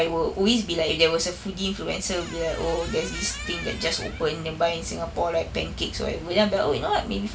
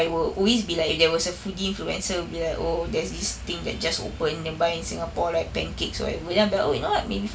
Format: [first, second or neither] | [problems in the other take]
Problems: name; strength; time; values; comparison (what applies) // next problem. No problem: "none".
second | background sound (Squeak); 13 dB below the speech